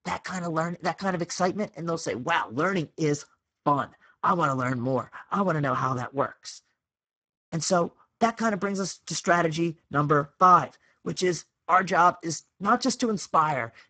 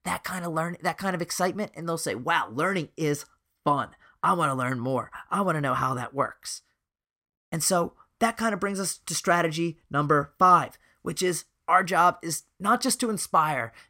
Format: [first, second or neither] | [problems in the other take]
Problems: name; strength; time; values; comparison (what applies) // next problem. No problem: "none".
second | garbled, watery; badly; nothing above 8 kHz